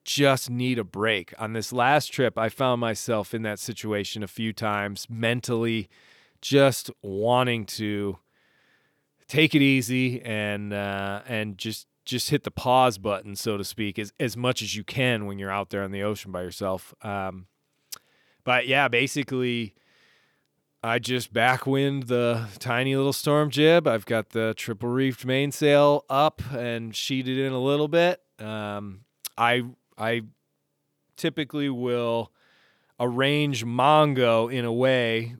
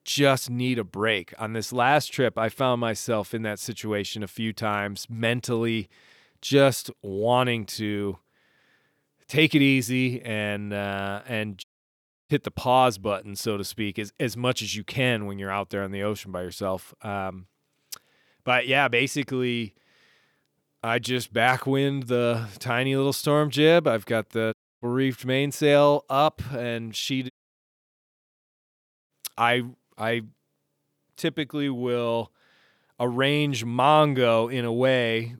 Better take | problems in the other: first | audio cutting out; at 12 s for 0.5 s, at 25 s and at 27 s for 2 s

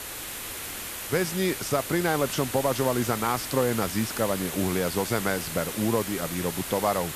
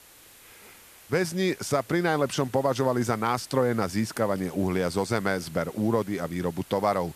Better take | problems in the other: second | hiss; loud; throughout; 6 dB below the speech; faint in the second

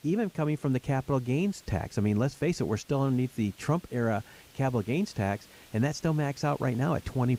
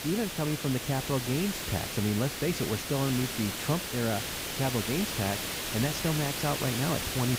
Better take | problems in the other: first | hiss; loud; throughout; 2 dB below the speech; faint in the first

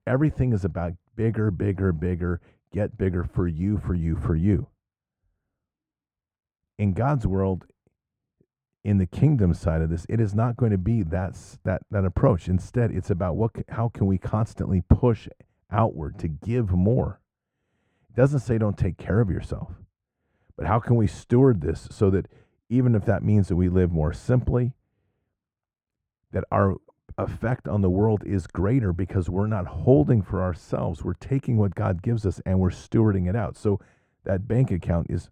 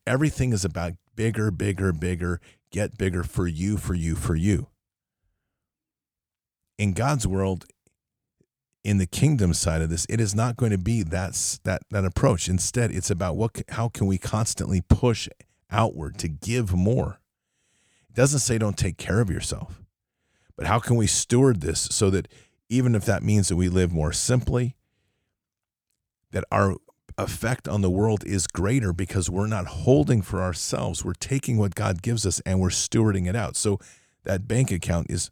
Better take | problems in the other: second | muffled; very; fading above 2.5 kHz

